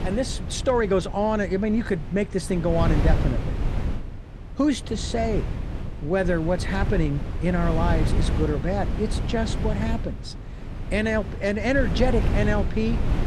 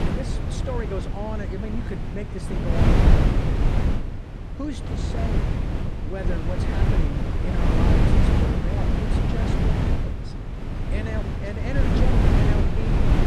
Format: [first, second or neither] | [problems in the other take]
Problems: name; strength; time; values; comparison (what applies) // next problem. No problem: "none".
first | wind noise on the microphone; heavy; 5 dB above the speech; occasional gusts in the first